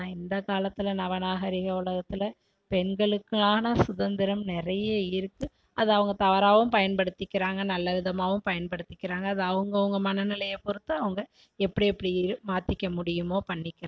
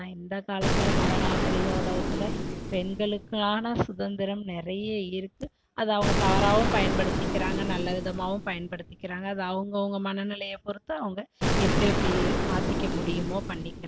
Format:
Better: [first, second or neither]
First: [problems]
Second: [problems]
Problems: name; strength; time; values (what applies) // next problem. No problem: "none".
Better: first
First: none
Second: background sound (Explosion); 1 dB above the speech